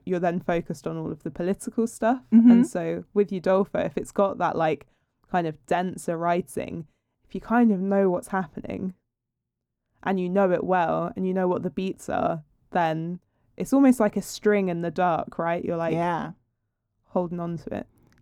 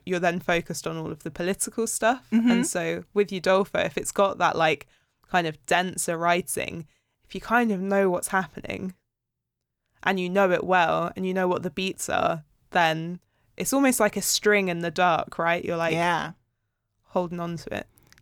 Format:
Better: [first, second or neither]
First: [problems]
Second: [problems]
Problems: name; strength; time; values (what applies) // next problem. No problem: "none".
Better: second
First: muffled; slightly; fading above 1.5 kHz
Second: none